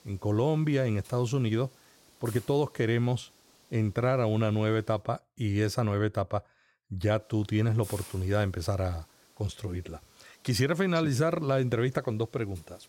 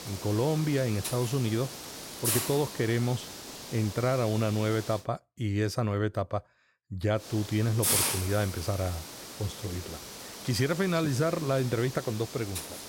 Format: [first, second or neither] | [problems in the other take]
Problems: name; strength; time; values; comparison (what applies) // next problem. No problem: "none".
first | hiss; loud; until 5 s and from 7 s on; 5 dB below the speech; faint in the first